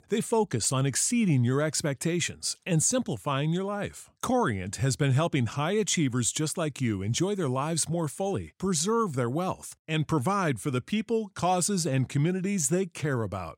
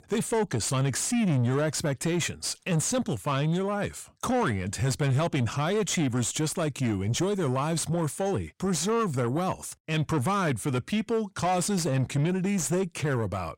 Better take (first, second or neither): first